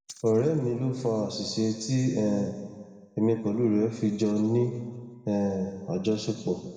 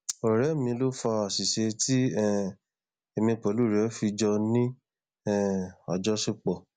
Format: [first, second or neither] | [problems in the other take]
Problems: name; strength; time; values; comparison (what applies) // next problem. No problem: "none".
second | room echo; dies away in 1.5 s